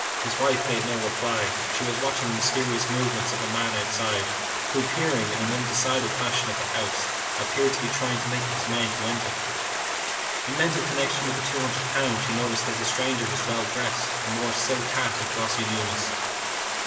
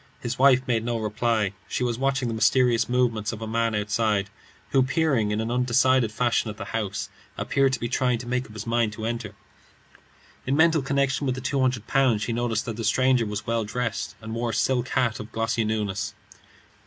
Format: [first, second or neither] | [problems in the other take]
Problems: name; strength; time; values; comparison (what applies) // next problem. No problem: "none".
second | background sound (Stream); 1 dB above the speech // room echo; dies away in 2.6 s